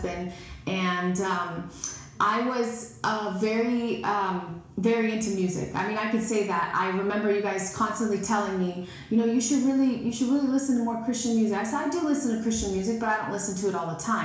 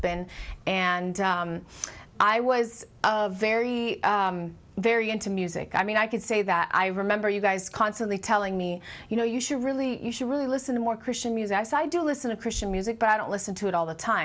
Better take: second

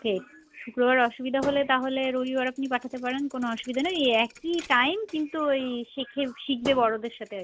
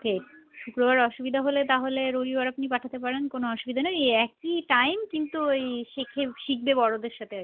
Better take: second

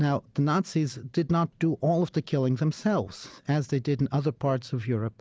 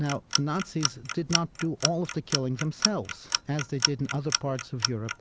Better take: first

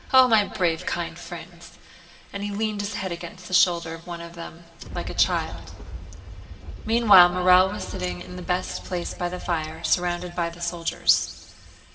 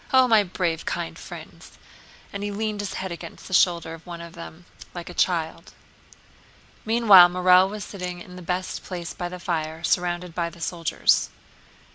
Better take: second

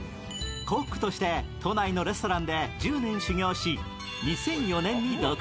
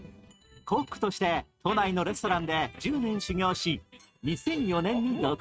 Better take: first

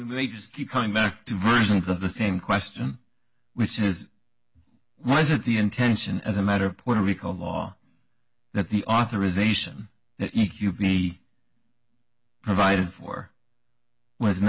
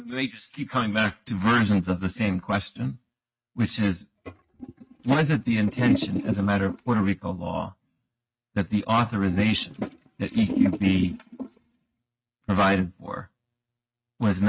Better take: first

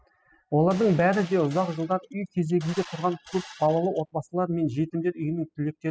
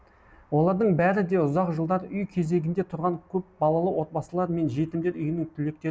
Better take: second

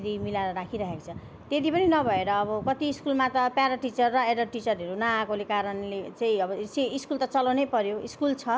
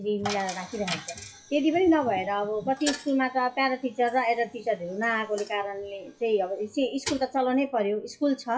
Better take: first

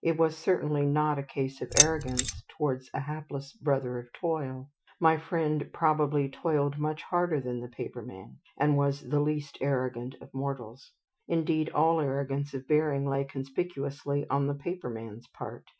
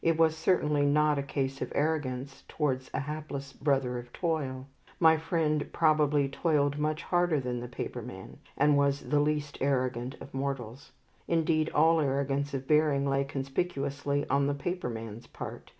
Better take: second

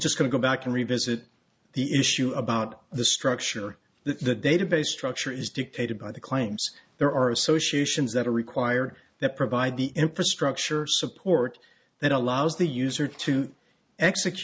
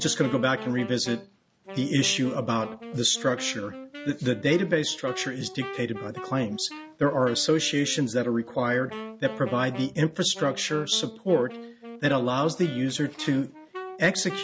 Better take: first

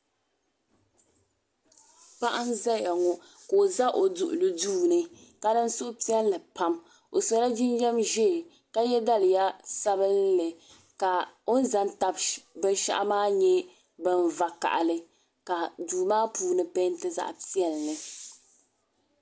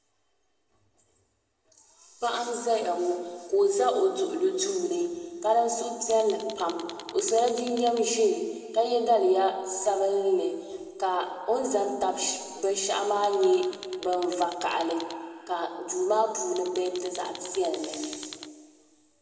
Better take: first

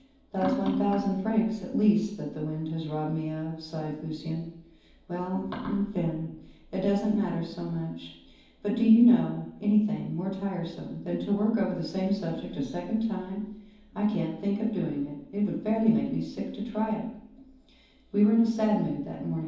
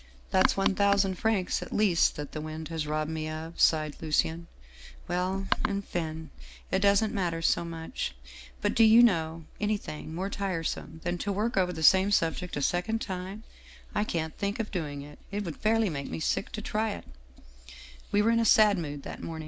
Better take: second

